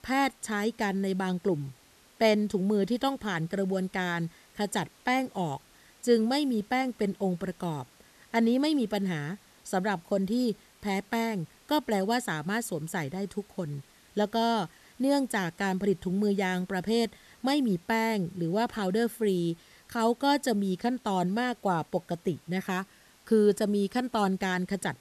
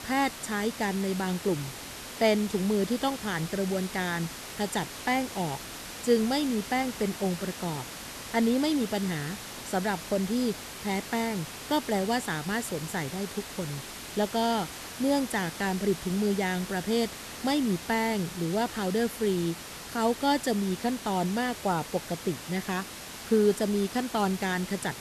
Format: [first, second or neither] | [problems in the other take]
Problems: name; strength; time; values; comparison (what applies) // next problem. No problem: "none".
first | hiss; loud; throughout; 10 dB below the speech; faint in the first